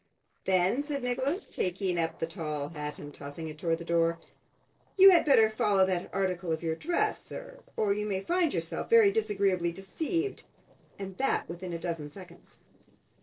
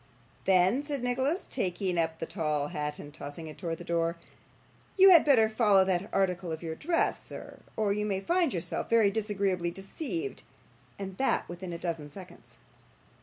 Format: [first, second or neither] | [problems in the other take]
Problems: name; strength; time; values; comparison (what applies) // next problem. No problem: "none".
second | noise reduction (neural separator model SepFormer DNS4)